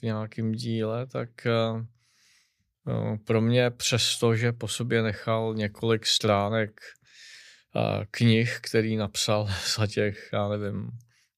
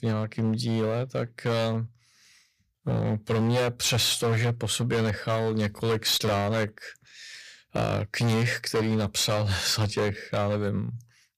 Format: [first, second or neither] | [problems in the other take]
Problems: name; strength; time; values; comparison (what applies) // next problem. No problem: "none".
first | distortion; heavy; 15% of the sound clipped